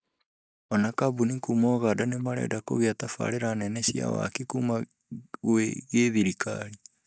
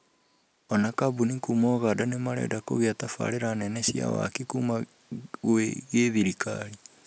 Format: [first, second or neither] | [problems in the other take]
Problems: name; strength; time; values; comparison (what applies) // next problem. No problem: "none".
second | noise reduction (neural mask model DeepFilterNet 3)